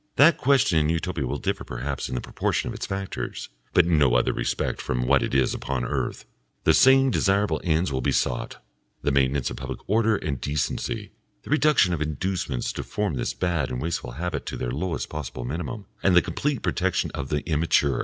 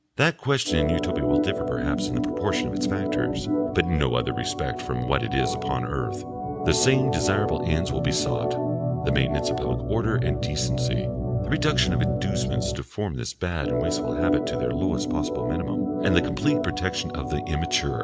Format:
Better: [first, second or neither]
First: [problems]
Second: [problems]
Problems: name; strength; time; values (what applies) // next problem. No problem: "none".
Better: first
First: none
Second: background sound (Organ); as loud as the speech